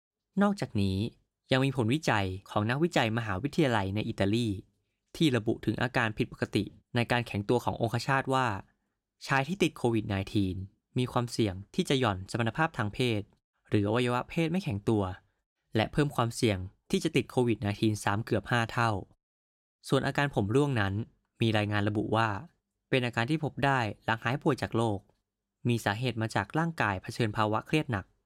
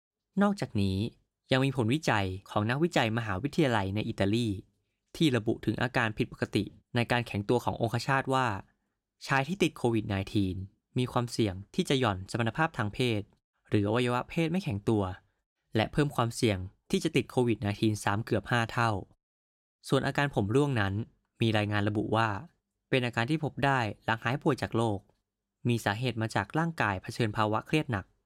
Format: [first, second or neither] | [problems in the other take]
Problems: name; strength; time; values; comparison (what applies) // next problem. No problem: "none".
neither | none